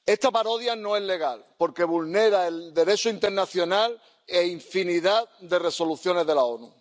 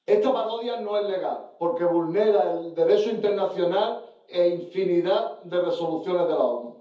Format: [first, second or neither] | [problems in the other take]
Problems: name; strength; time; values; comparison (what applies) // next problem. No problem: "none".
first | room echo; dies away in 0.5 s